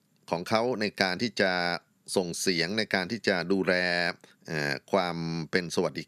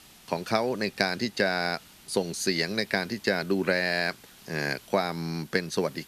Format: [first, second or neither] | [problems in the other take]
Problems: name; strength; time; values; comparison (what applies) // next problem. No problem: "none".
first | hiss; faint; throughout; 25 dB below the speech